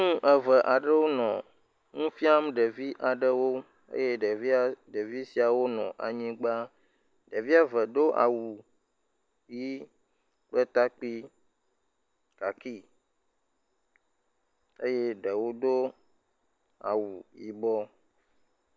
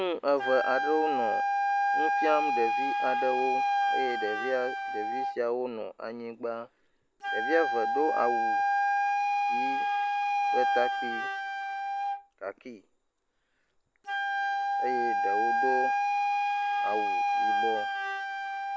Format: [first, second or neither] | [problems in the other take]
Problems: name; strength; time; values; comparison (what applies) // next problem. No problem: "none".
first | background sound (Wind instrument, woodwind instrument); 5 dB above the speech